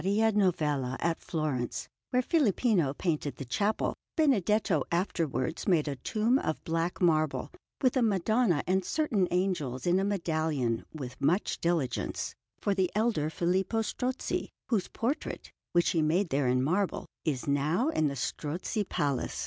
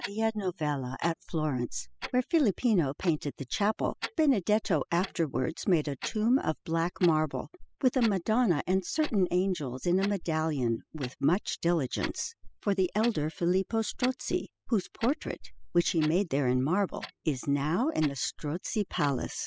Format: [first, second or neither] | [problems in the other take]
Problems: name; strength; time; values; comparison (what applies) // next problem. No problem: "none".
first | noise reduction (classical method spectral subtraction)